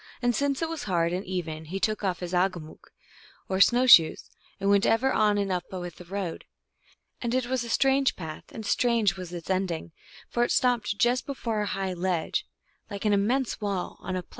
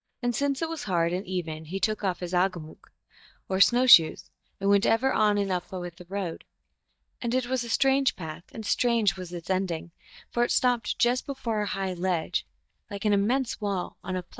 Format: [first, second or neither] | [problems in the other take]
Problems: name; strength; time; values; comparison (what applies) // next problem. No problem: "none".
first | noise reduction (neural mask model DeepFilterNet 3)